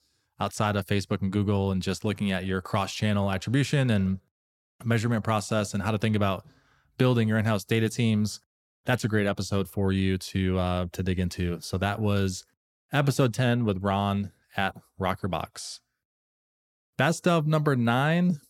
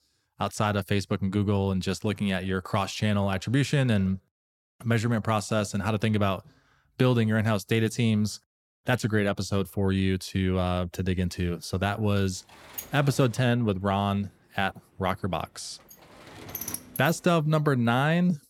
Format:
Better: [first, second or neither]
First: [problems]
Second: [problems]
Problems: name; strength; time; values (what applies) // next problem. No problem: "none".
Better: first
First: none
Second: door banging; noticeable; from 13 to 17 s; peak 7 dB below the speech